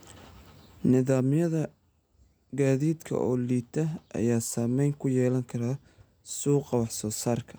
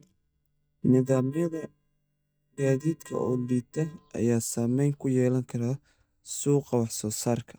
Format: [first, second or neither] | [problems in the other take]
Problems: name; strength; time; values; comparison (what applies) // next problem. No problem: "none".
first | noise reduction (neural mask model DeepFilterNet 3)